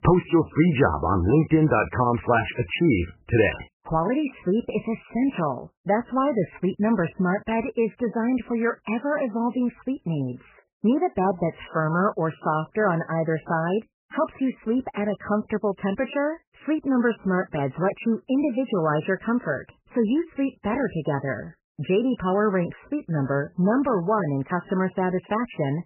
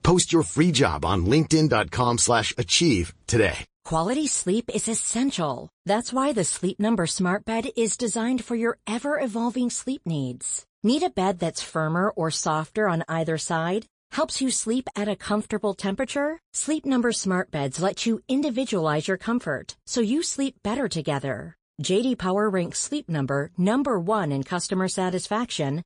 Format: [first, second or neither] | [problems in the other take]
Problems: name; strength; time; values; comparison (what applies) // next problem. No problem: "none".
second | garbled, watery; badly; nothing above 3 kHz; slightly in the second